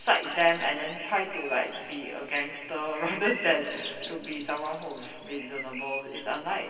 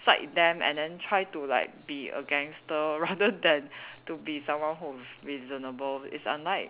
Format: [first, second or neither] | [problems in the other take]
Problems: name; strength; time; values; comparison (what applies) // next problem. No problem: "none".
second | background sound (Bird); 12 dB below the speech // room echo; dies away in 2.5 s